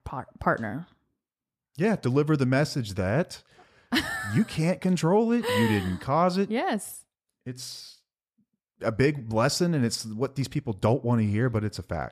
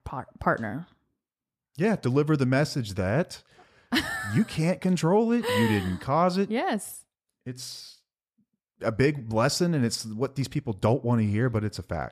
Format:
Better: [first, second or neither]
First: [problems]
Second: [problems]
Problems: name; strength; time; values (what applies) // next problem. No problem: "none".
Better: neither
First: none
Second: none